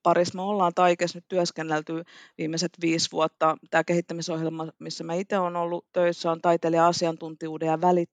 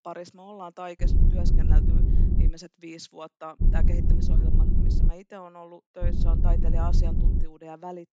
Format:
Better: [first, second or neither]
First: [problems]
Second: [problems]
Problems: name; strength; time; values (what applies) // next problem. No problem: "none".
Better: first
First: none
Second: low rumble; loud; from 1 to 2.5 s, from 3.5 to 5 s and from 6 to 7.5 s; 1 dB below the speech